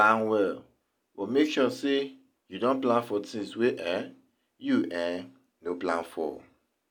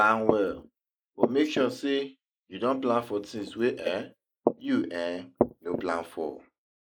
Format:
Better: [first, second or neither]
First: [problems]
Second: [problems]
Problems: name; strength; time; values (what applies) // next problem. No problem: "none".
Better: first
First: none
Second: noise reduction (neural mask model Resemble Enhance denoiser)